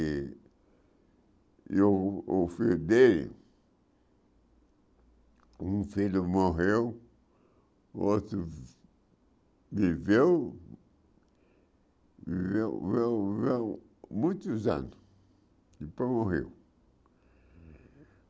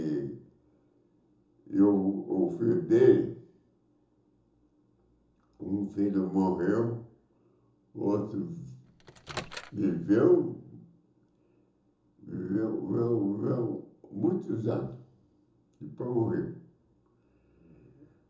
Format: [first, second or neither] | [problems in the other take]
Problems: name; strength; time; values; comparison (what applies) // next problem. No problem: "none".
first | background sound (Microwave oven); 13 dB below the speech // room echo; dies away in 0.6 s